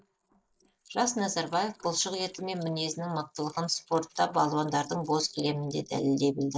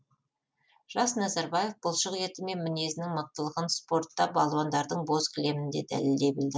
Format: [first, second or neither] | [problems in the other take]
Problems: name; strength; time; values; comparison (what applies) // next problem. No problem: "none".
second | noise reduction (neural mask model Resemble Enhance denoiser)